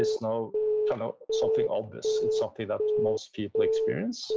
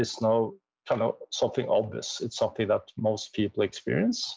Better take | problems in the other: second | background sound (Alarm / Keyboard (musical)); 5 dB above the speech

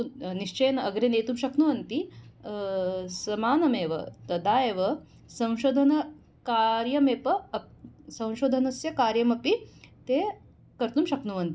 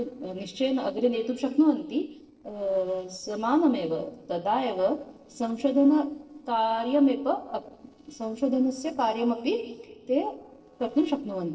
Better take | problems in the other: first | noise reduction (neural separator model SepFormer DNS4)

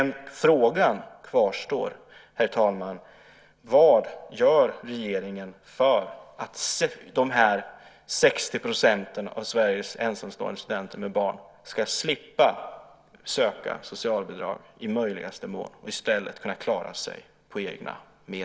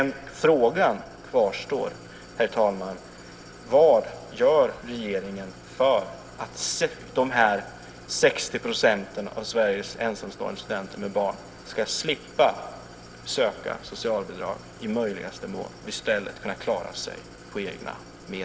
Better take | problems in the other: first | background sound (Idling); 18 dB below the speech

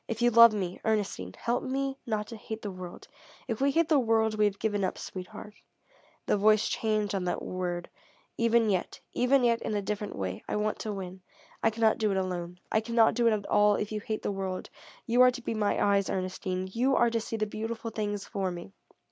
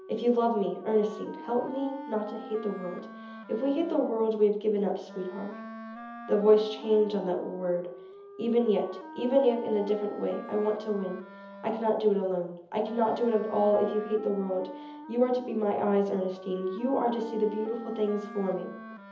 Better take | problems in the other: first | background sound (Wind instrument, woodwind instrument); 15 dB below the speech // room echo; dies away in 0.7 s

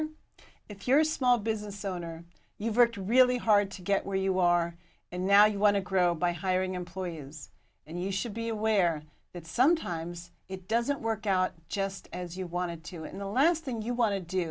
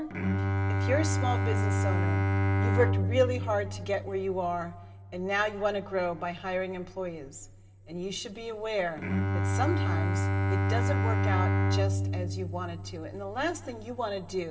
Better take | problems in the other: first | background sound (Bowed string instrument); 3 dB above the speech // room echo; dies away in 2.6 s

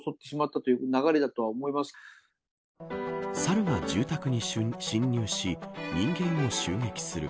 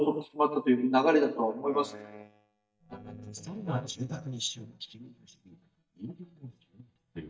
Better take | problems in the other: first | noise reduction (neural mask model DeepFilterNet 3)

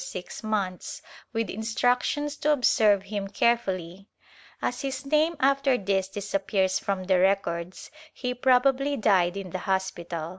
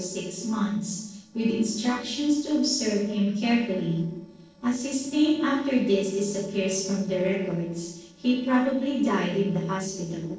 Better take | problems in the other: first | noise reduction (neural separator model SepFormer DNS4)

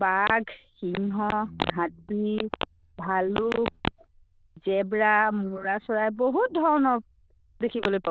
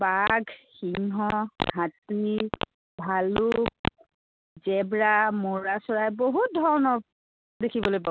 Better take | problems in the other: second | noise reduction (neural diffusion model UNIVERSE++)

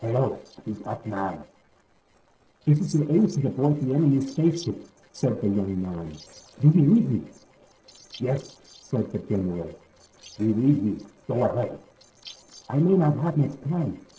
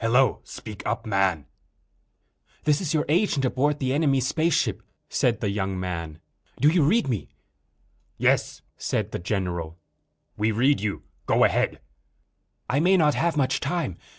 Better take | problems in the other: second | noise reduction (neural separator model SepFormer DNS4)

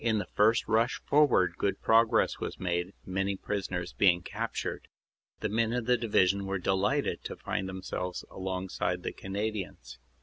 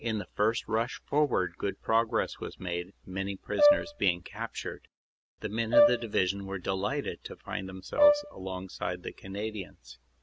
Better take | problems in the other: first | background sound (Brass instrument); 3 dB above the speech

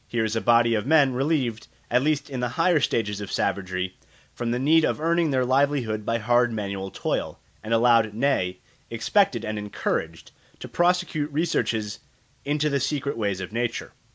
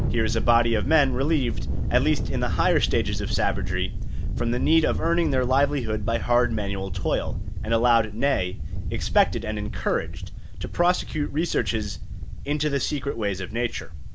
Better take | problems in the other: first | background sound (Thunder); 1 dB below the speech

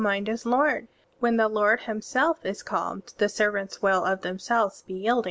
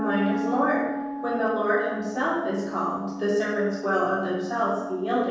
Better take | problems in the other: first | background sound (Wind instrument, woodwind instrument); 8 dB below the speech // room echo; dies away in 1.3 s

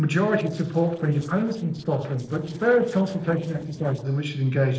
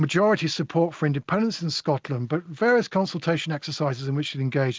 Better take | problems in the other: second | noise reduction (neural separator model SepFormer DNS4)

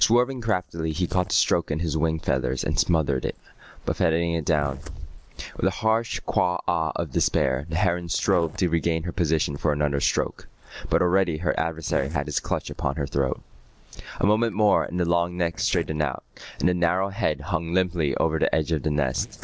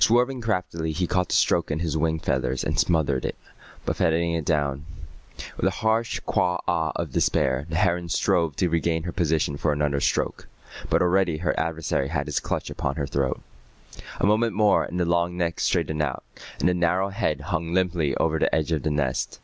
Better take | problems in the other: second | noise reduction (neural separator model SepFormer DNS4)

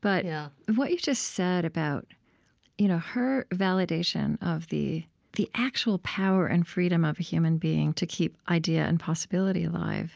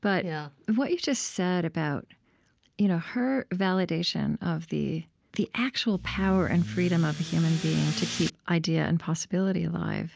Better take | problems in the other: first | background sound (Accelerating, revving, vroom / Car); 9 dB below the speech

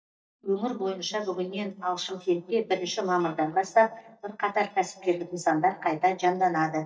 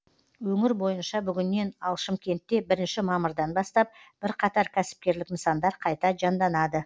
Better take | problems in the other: second | noise reduction (neural mask model DeepFilterNet 3)

